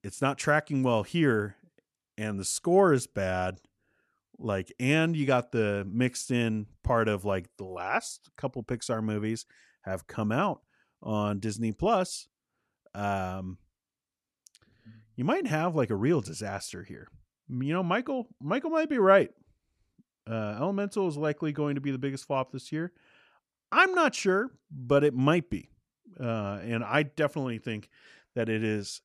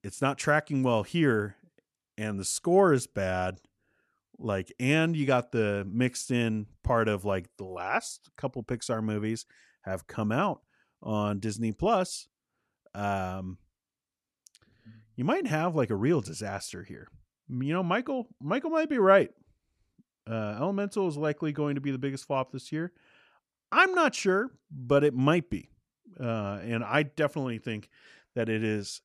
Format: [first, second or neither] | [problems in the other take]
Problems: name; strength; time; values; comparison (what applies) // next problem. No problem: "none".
neither | none